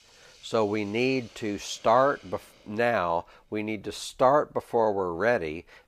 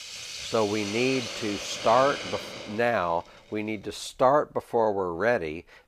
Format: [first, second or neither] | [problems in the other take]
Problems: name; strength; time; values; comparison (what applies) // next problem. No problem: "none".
first | hiss; loud; throughout; 8 dB below the speech; faint in the first